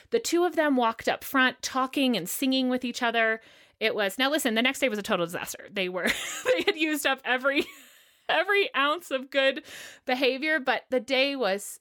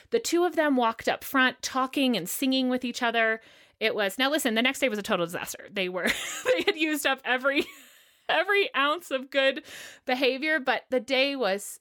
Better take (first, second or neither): neither